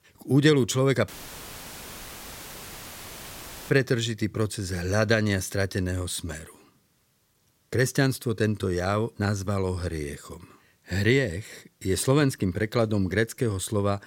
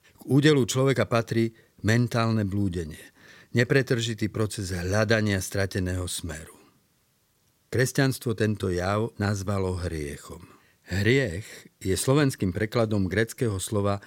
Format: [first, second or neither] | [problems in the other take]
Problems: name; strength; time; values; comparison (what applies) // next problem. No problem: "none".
second | audio cutting out; filled with static; at 1 s for 2.5 s